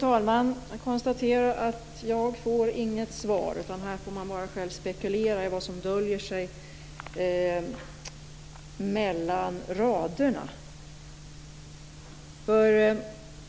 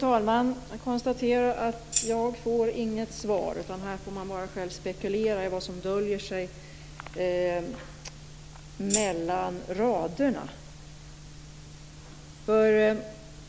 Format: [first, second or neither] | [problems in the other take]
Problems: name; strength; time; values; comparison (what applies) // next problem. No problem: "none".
first | background sound (Tambourine); 3 dB below the speech